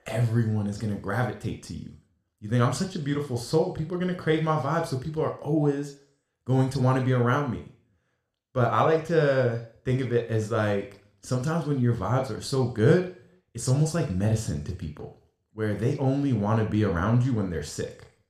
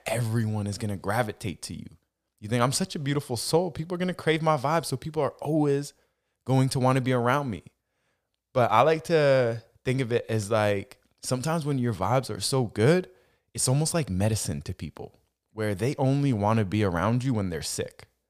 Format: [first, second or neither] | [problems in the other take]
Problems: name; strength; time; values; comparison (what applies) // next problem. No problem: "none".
second | room echo; slight; dies away in 0.5 s // off-mic speech; somewhat distant